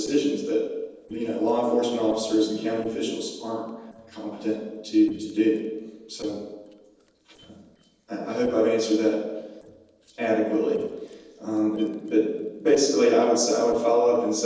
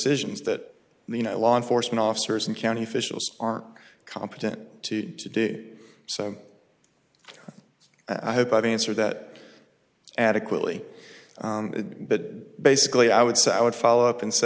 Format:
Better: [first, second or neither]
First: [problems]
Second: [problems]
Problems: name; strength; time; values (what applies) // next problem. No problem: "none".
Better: second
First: noise reduction (neural separator model SepFormer DNS4)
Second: none